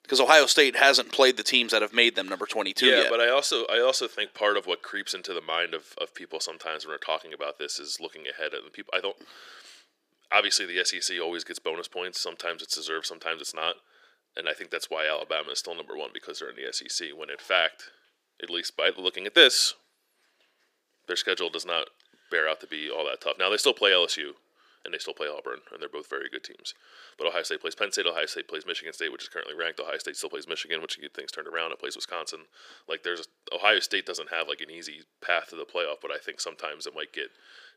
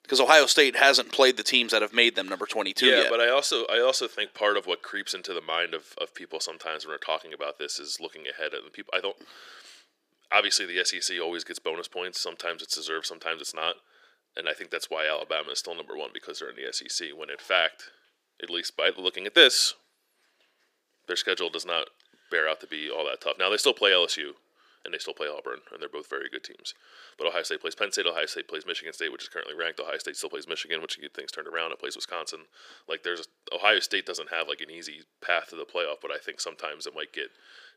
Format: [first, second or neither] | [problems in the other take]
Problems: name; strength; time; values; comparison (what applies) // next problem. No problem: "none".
neither | thin; very; fading below 350 Hz; the same in both